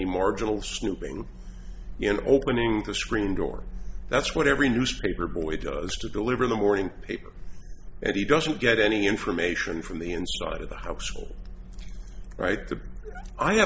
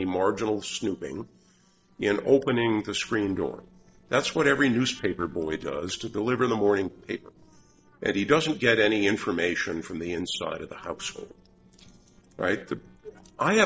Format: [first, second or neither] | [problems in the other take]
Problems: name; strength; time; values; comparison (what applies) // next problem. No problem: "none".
first | noise reduction (neural separator model SepFormer DNS4)